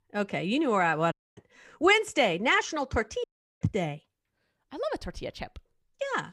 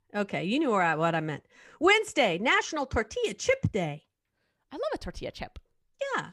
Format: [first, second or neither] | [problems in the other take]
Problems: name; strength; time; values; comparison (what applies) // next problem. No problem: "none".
second | audio cutting out; at 1 s and at 3 s